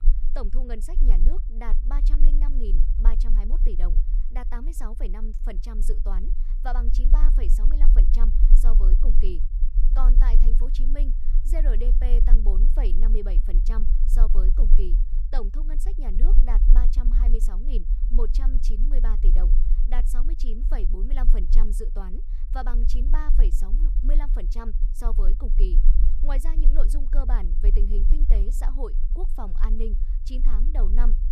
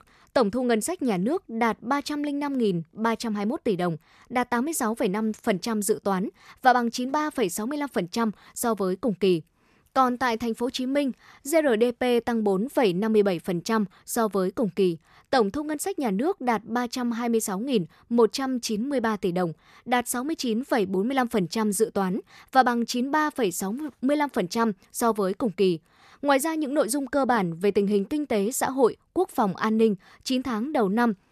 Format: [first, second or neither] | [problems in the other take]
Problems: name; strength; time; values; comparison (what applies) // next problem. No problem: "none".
second | low rumble; loud; throughout; 9 dB below the speech